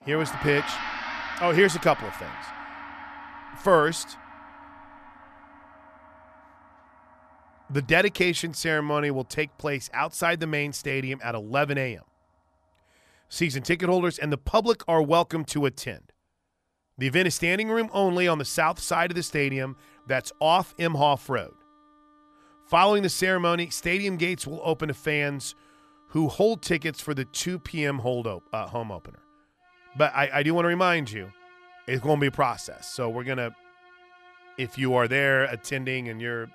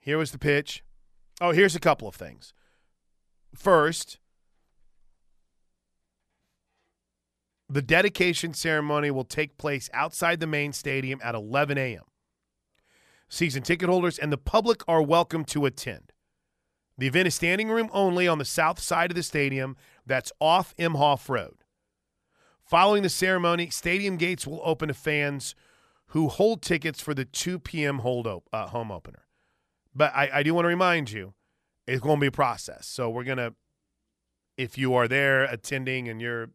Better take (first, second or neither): second